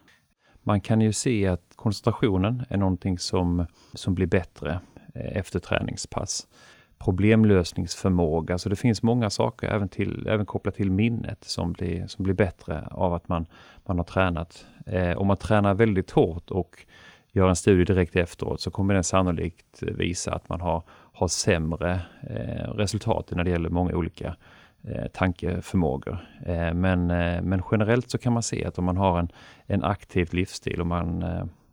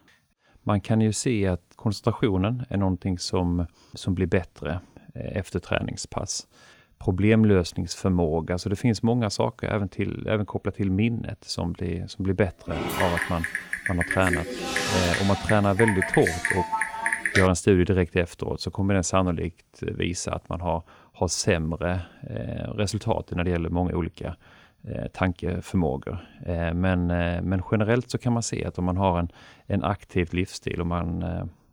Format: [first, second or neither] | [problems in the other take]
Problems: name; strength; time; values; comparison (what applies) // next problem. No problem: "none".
first | keyboard typing; loud; from 13 to 17 s; peak 3 dB above the speech